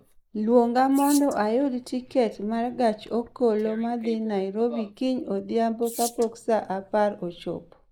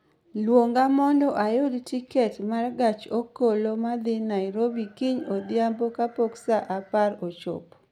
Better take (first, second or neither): second